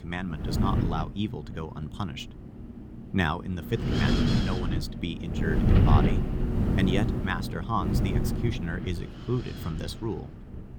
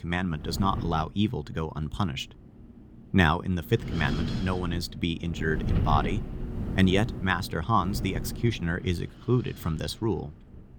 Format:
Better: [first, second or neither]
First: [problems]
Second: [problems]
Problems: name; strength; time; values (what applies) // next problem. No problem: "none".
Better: second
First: wind noise on the microphone; heavy; 1 dB below the speech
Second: wind noise on the microphone; occasional gusts; 10 dB below the speech